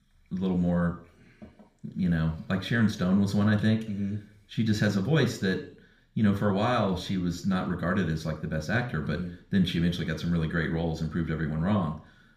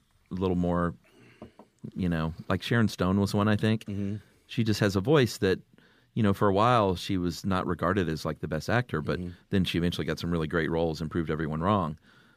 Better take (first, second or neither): second